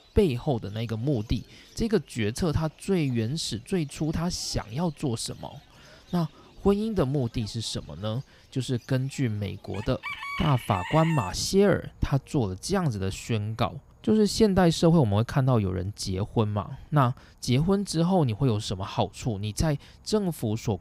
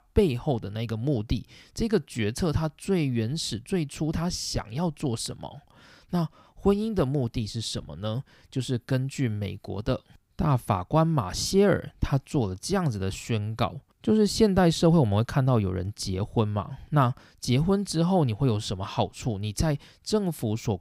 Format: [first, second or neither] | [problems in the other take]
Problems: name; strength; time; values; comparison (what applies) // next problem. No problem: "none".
second | animal sounds; noticeable; throughout; 15 dB below the speech